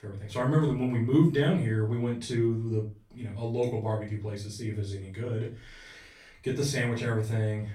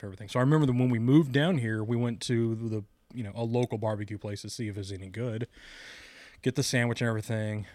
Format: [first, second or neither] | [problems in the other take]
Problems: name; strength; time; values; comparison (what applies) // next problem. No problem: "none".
second | room echo; slight; dies away in 0.3 s // off-mic speech; far